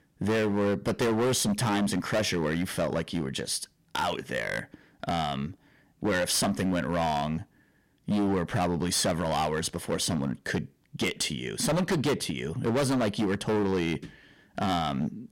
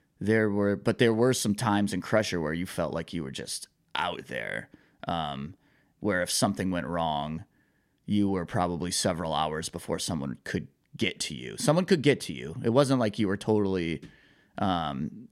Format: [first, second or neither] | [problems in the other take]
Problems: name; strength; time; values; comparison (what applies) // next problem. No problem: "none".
second | distortion; heavy; 14% of the sound clipped